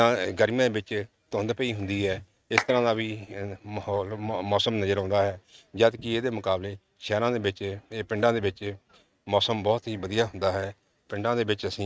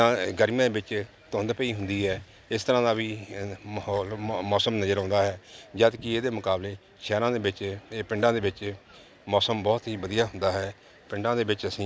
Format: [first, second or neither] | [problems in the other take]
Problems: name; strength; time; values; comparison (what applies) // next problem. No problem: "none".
second | noise reduction (neural mask model RNNoise)